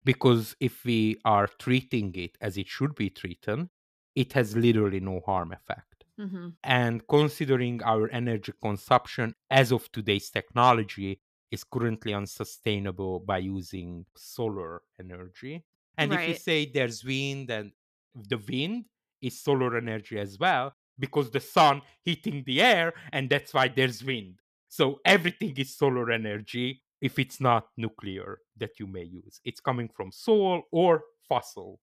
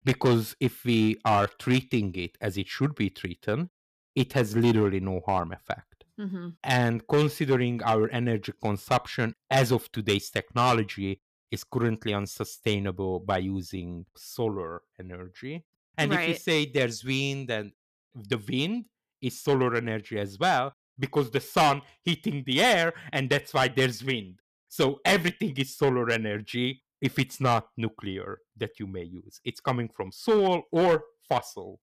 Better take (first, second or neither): first